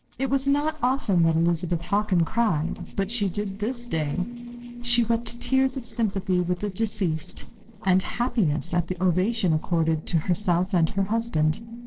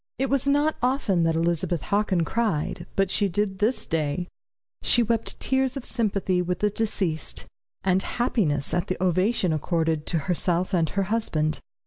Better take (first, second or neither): second